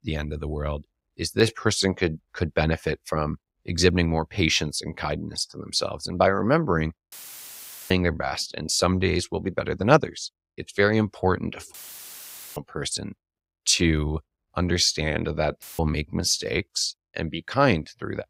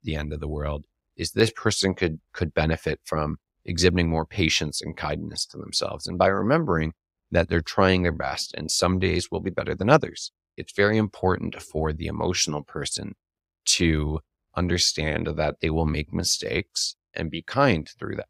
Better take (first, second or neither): second